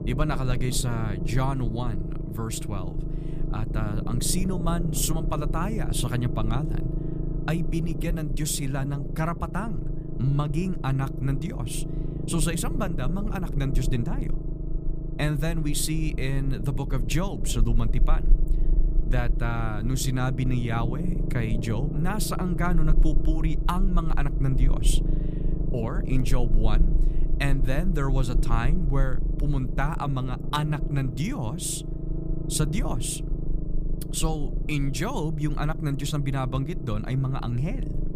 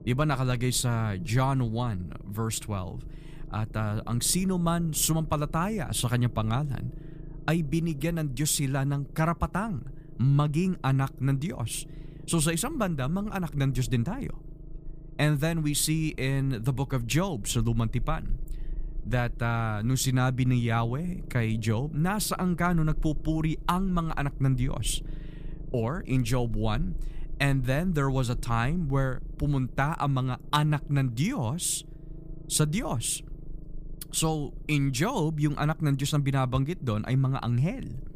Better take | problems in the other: second | low rumble; loud; throughout; 8 dB below the speech; faint in the second

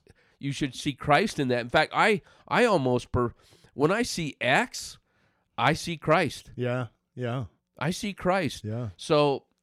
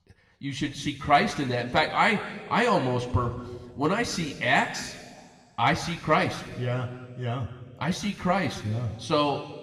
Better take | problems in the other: first | room echo; slight; dies away in 1.7 s // off-mic speech; somewhat distant

